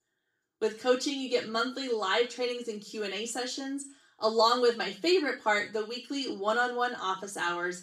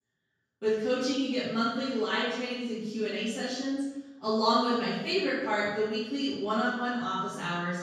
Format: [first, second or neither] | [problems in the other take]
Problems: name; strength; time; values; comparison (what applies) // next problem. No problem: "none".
first | room echo; strong; dies away in 1.4 s; slight in the first // off-mic speech; far; far in the first